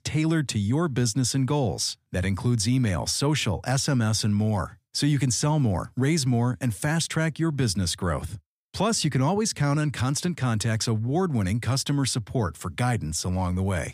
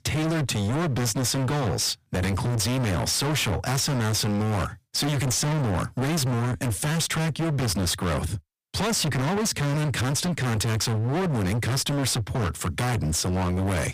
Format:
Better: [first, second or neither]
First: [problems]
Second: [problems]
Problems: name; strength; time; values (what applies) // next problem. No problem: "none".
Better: first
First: none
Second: distortion; heavy; 51% of the sound clipped